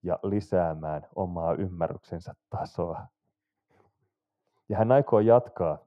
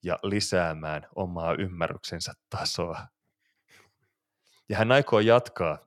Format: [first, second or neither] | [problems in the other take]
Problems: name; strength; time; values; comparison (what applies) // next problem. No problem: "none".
second | muffled; very; fading above 1.5 kHz